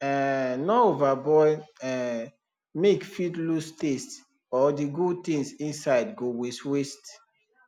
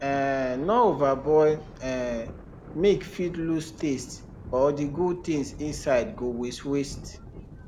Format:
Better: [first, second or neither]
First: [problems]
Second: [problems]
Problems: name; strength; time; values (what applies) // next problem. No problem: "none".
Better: first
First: none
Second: background sound (Thunder); 16 dB below the speech